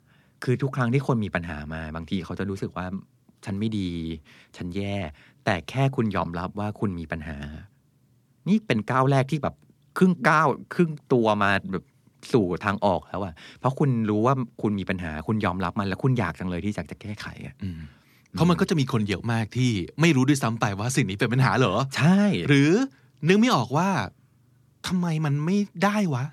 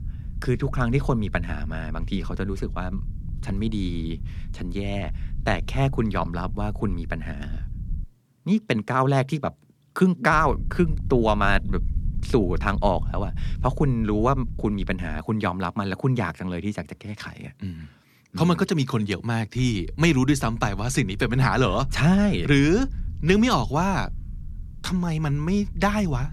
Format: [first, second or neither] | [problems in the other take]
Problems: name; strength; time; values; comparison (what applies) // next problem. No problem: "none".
first | low rumble; faint; until 8 s, from 10 to 15 s and from 20 s on; 25 dB below the speech